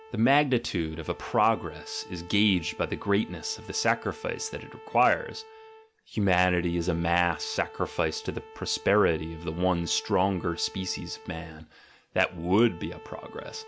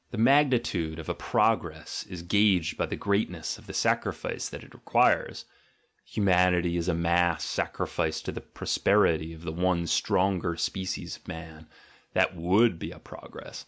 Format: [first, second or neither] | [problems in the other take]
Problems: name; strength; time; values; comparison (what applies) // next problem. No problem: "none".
second | background sound (Bowed string instrument); 19 dB below the speech